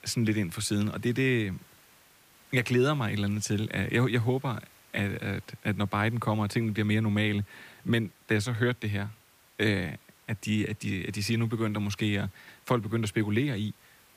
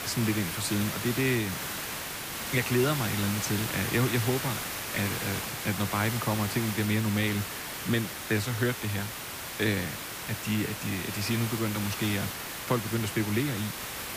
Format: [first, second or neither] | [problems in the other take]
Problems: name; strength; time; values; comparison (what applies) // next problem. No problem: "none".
first | hiss; loud; throughout; 3 dB below the speech; faint in the first